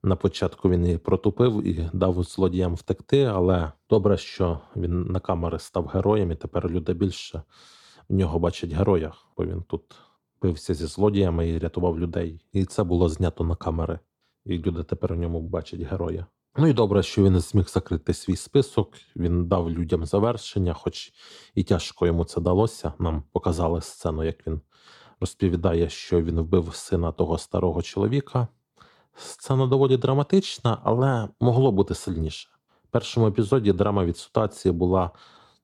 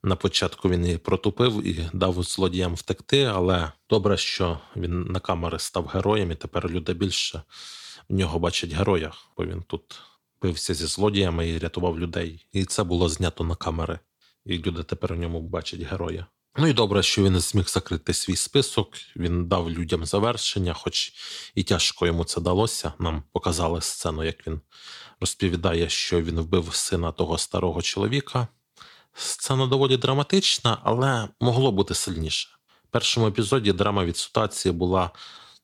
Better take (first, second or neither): second